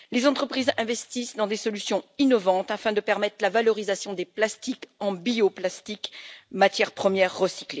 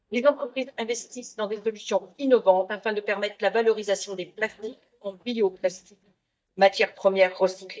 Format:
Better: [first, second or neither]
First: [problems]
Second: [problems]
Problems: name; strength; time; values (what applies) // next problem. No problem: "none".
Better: first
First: none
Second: noise reduction (neural mask model DeepFilterNet 3)